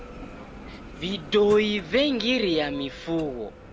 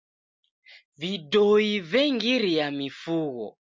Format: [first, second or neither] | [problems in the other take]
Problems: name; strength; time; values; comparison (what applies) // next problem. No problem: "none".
second | background sound (Bell); 14 dB below the speech